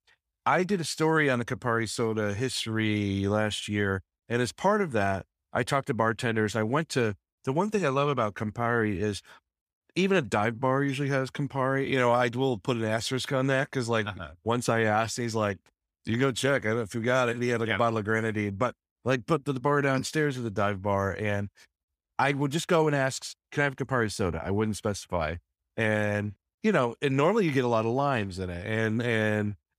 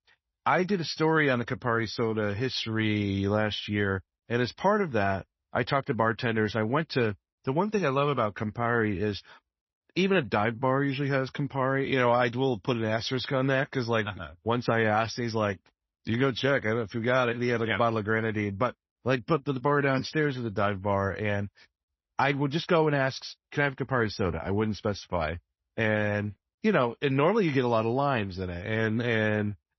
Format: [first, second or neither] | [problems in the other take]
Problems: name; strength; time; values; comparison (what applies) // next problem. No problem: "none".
first | garbled, watery; slightly; nothing above 6 kHz